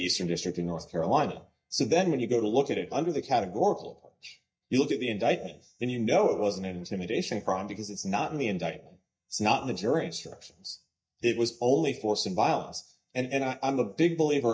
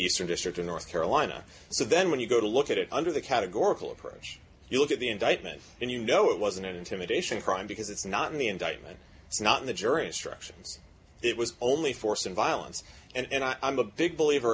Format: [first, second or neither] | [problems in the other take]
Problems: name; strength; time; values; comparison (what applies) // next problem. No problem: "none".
second | noise reduction (neural mask model DeepFilterNet 3)